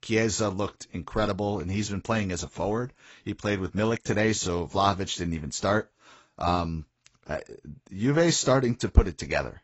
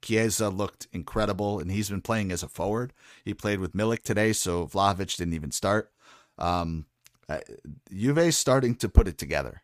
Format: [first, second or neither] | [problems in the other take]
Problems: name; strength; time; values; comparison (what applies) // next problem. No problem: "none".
second | garbled, watery; badly; nothing above 7.5 kHz